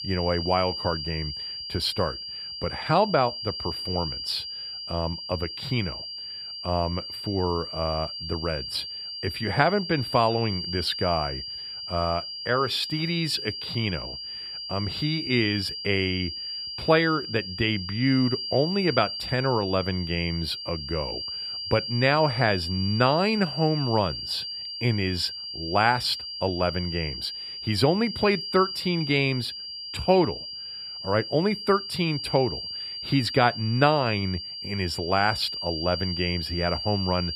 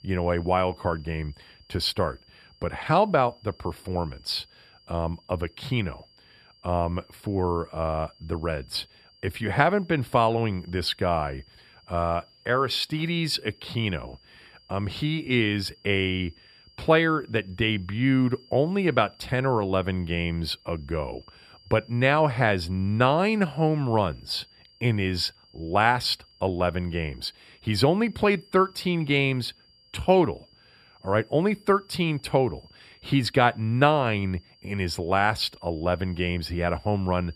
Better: second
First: high-pitched whine; loud; throughout; 4.5 kHz, 6 dB below the speech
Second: high-pitched whine; faint; throughout; 4.5 kHz, 30 dB below the speech

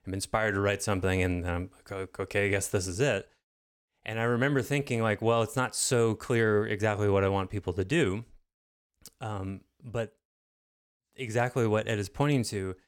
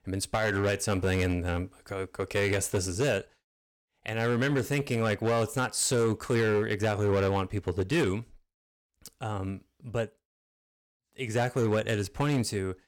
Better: first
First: none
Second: distortion; slight; 6% of the sound clipped

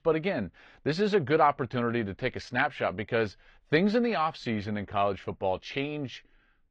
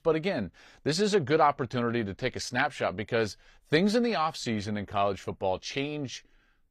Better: second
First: muffled; slightly; fading above 2.5 kHz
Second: none

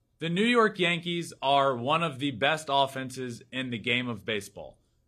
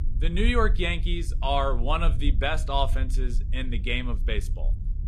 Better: first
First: none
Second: low rumble; faint; throughout; 20 dB below the speech

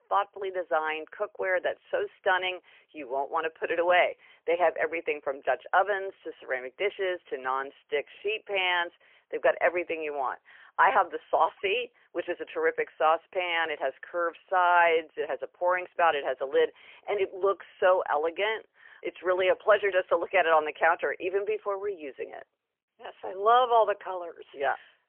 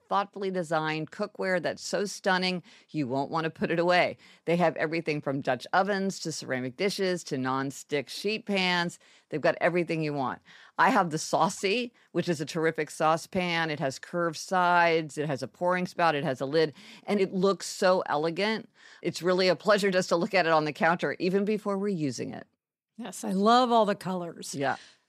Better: second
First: phone-call audio; poor line; nothing above 3 kHz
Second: none

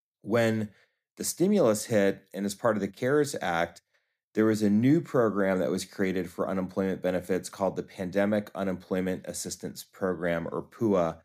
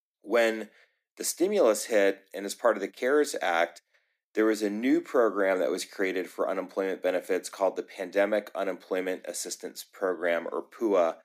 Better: first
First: none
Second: thin; somewhat; fading below 300 Hz

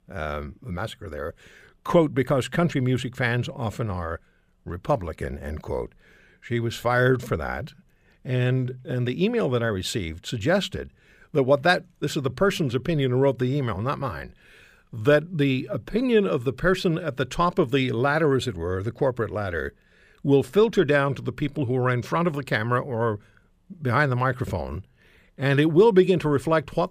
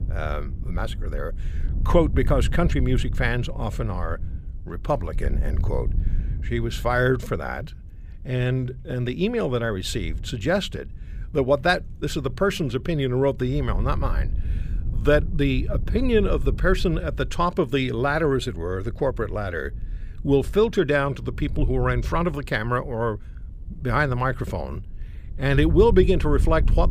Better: first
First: none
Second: wind noise on the microphone; occasional gusts; 20 dB below the speech

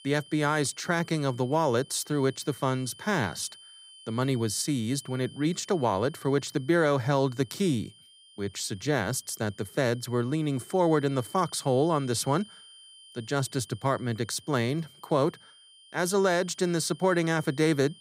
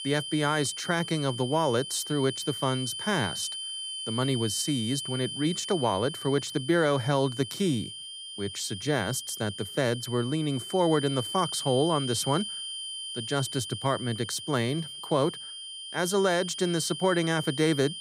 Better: first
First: high-pitched whine; faint; throughout; 3 kHz, 20 dB below the speech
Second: high-pitched whine; loud; throughout; 3 kHz, 7 dB below the speech

